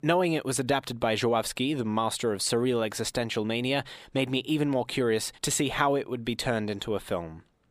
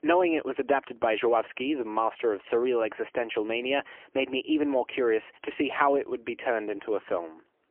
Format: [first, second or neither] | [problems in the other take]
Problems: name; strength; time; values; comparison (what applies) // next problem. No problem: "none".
first | phone-call audio; poor line; nothing above 3 kHz